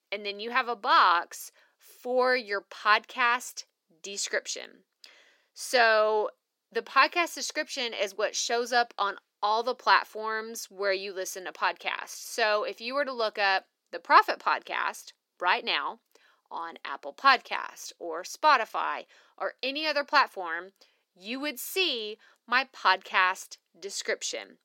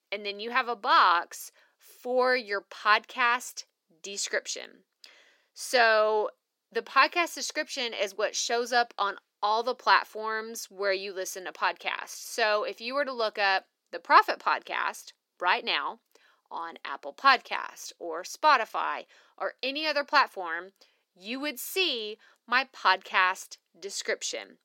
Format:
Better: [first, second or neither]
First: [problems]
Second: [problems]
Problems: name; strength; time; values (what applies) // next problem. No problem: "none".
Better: neither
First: thin; somewhat; fading below 350 Hz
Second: thin; somewhat; fading below 350 Hz